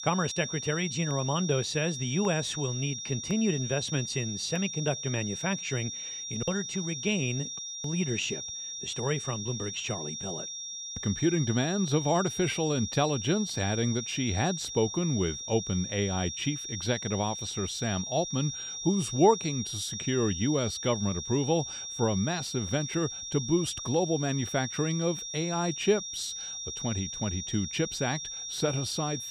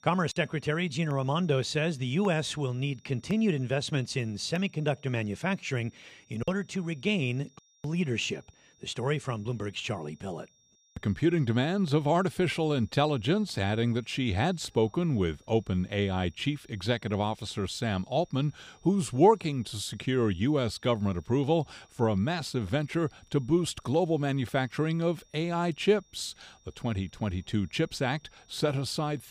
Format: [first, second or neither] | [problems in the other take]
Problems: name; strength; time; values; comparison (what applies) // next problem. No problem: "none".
second | high-pitched whine; loud; throughout; 5.5 kHz, 5 dB below the speech; faint in the second